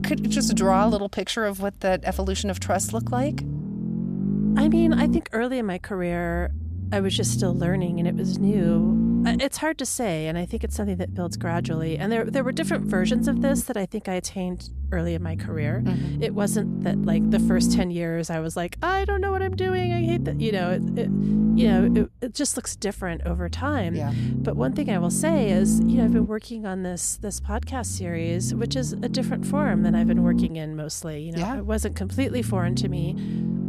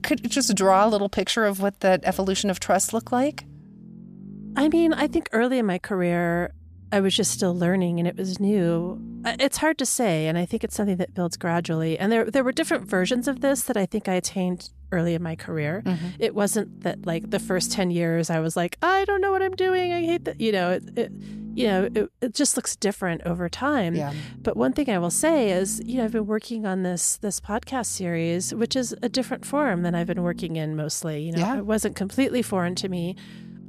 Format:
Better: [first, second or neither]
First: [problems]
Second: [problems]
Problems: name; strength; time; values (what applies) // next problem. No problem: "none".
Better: second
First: low rumble; loud; throughout; 3 dB below the speech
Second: low rumble; faint; throughout; 20 dB below the speech